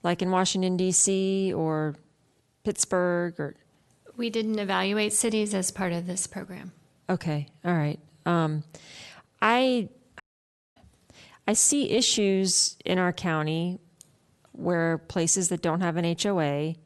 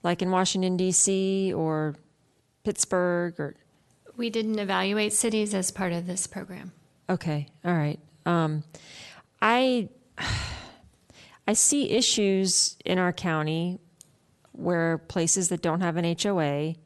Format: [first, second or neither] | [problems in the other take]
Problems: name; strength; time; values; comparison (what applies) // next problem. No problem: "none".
second | audio cutting out; at 10 s for 0.5 s